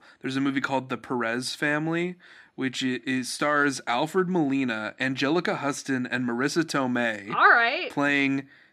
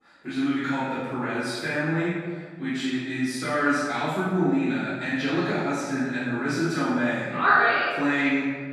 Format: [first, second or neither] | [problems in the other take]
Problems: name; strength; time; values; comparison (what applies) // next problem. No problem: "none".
first | room echo; strong; dies away in 1.5 s // off-mic speech; far